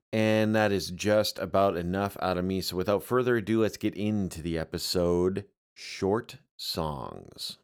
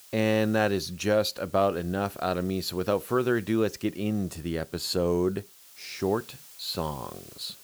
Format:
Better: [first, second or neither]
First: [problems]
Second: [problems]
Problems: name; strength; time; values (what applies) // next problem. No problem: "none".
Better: first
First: none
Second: hiss; faint; throughout; 20 dB below the speech